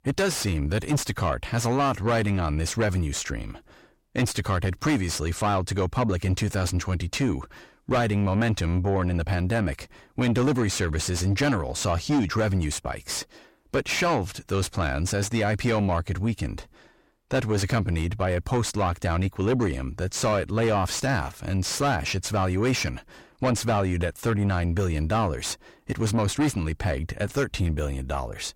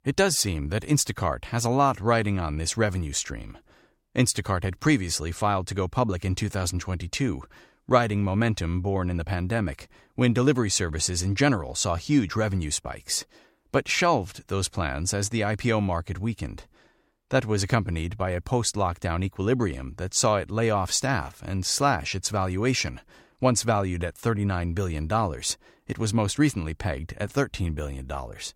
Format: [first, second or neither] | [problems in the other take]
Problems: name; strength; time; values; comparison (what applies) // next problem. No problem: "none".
second | distortion; heavy; 7 dB below the speech